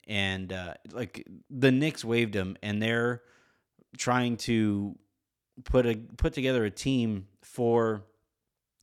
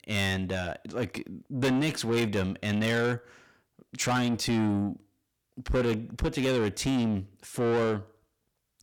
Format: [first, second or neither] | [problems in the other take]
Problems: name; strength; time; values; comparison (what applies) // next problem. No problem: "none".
first | distortion; heavy; 7 dB below the speech